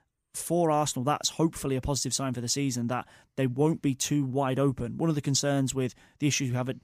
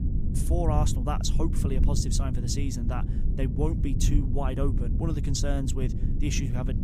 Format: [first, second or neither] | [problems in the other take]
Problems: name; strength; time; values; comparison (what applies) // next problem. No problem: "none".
first | low rumble; loud; throughout; 7 dB below the speech